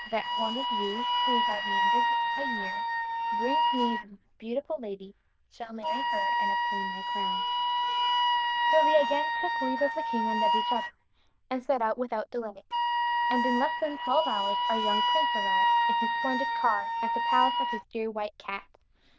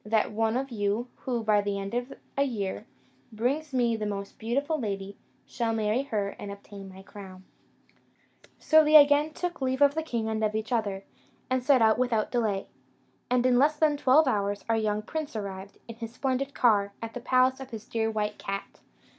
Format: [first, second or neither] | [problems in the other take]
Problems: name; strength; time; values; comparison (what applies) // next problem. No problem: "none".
second | noise reduction (neural diffusion model UNIVERSE++)